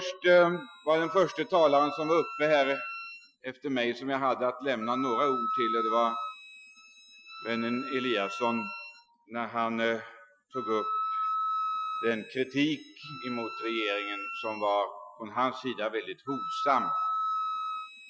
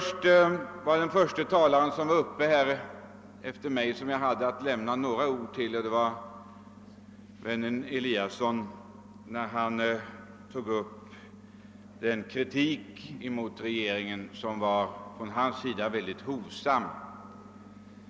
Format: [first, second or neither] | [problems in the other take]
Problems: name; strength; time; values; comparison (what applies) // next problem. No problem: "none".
second | noise reduction (classical method Wiener filter)